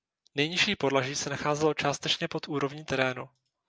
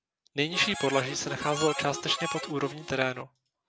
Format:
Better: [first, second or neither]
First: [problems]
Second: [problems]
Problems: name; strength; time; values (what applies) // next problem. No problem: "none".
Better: first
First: none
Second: background sound (Harmonica); 7 dB below the speech